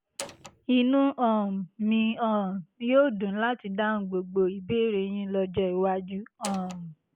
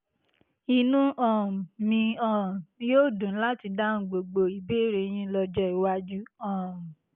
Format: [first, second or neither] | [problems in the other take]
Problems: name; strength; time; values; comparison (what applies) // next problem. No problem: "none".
second | background sound (Door); 14 dB below the speech